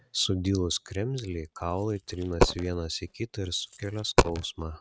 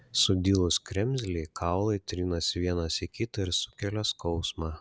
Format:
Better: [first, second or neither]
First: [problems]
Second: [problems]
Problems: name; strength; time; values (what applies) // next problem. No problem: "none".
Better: second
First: noise reduction (neural mask model RNNoise)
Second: none